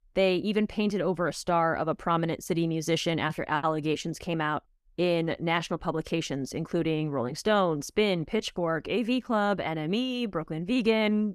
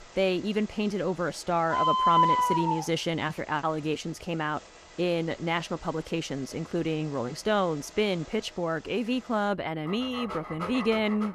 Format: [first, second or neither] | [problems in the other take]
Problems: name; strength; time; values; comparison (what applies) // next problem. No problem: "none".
first | animal sounds; very loud; throughout; 2 dB above the speech